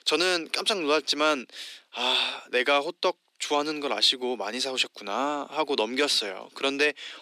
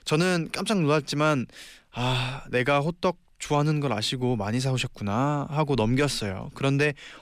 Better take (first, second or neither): second